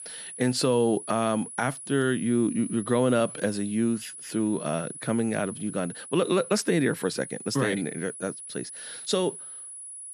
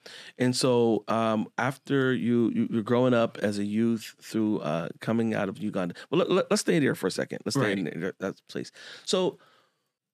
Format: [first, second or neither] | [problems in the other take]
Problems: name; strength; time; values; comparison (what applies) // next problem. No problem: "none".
second | high-pitched whine; noticeable; throughout; 10 kHz, 10 dB below the speech